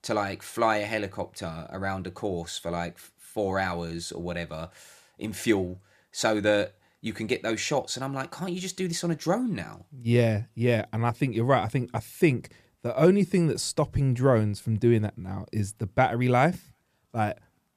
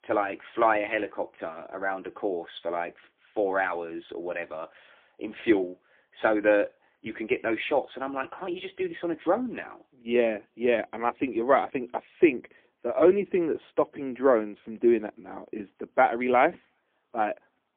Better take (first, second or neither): first